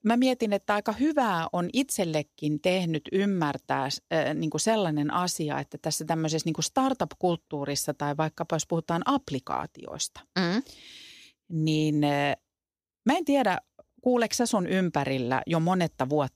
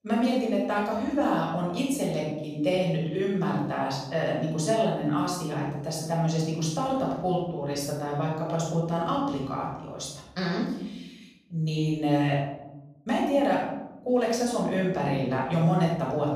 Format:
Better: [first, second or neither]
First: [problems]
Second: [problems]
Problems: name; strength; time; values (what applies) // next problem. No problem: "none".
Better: first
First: none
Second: off-mic speech; far // room echo; noticeable; dies away in 1 s